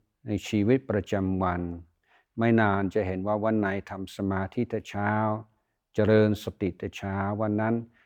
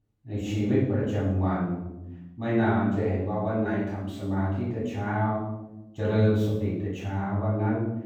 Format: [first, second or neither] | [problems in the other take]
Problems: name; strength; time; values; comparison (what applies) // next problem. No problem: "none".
first | off-mic speech; far // room echo; strong; dies away in 1 s